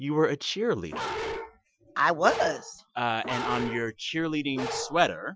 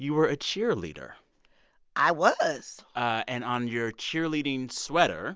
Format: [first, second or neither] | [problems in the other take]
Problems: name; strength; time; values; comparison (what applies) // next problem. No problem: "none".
second | noise reduction (classical method Wiener filter)